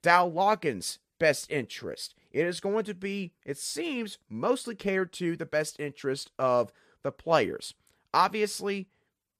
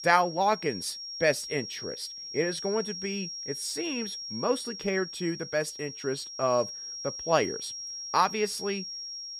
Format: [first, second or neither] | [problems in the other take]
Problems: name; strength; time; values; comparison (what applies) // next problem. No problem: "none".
first | high-pitched whine; loud; throughout; 5.5 kHz, 6 dB below the speech